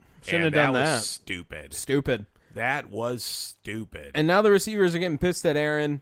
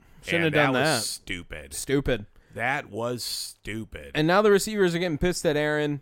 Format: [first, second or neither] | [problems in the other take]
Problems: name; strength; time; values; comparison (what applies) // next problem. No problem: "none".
second | garbled, watery; slightly; nothing above 16 kHz